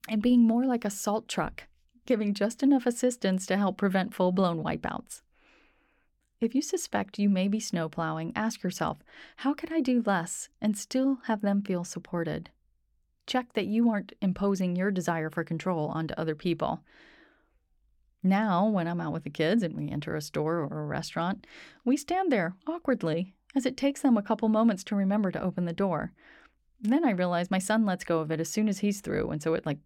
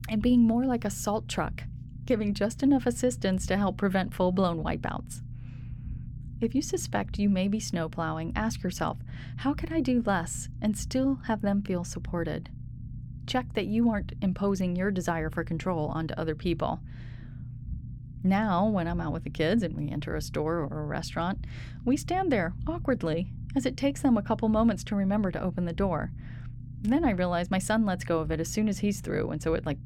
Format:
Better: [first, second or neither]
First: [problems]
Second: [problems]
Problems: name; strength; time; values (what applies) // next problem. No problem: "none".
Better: first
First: none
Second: low rumble; faint; throughout; 20 dB below the speech